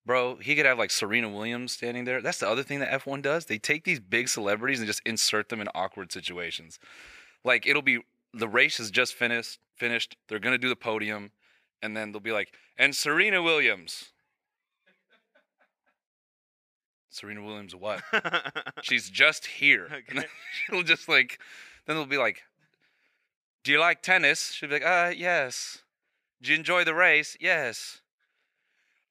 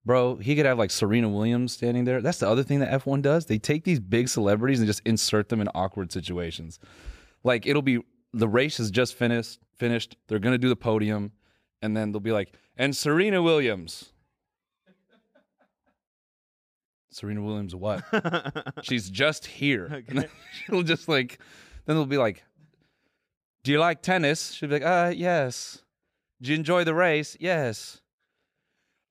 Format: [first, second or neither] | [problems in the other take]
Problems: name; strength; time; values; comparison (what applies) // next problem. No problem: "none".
second | thin; somewhat; fading below 850 Hz